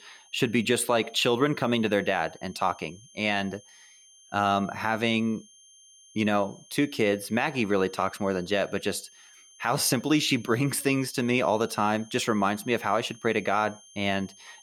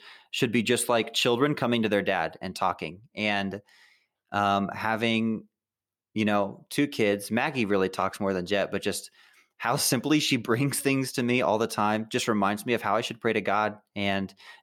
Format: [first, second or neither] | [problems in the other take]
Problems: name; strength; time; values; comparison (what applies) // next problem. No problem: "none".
second | high-pitched whine; faint; throughout; 6.5 kHz, 25 dB below the speech